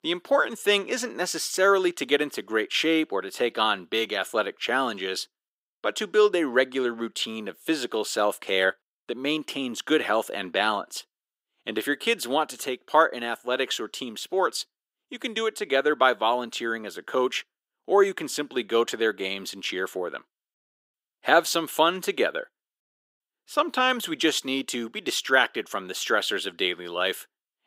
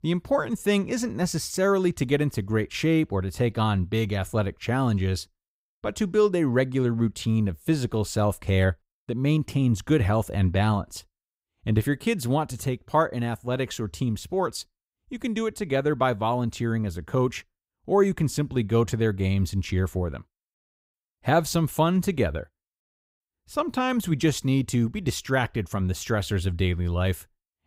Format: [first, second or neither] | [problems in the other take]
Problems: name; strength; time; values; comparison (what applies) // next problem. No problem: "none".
second | thin; very; fading below 300 Hz